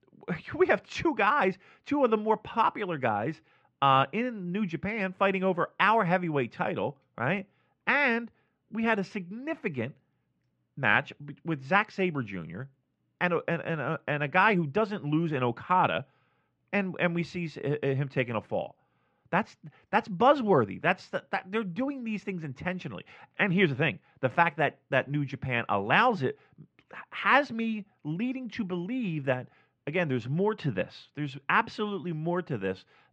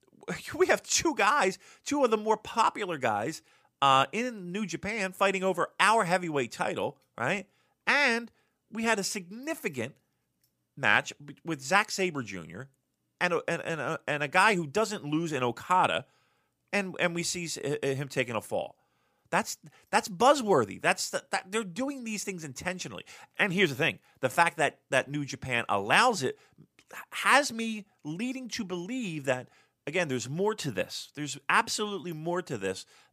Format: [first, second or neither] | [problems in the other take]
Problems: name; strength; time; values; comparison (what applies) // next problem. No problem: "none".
second | muffled; very; fading above 3 kHz